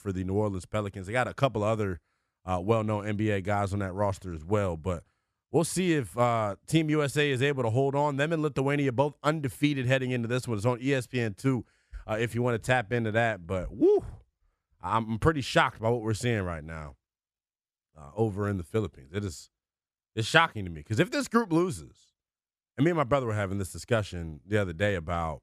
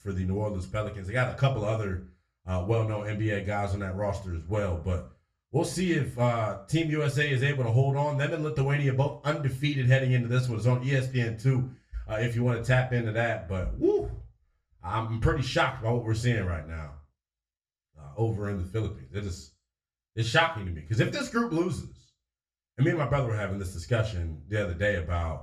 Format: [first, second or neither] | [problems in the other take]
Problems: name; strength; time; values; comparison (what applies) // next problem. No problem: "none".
first | room echo; very slight; dies away in 0.3 s // off-mic speech; far